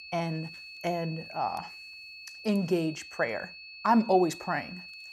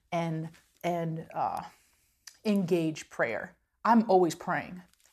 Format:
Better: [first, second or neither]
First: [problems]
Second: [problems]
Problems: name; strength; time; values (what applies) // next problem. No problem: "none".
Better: second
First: high-pitched whine; noticeable; throughout; 2.5 kHz, 15 dB below the speech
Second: none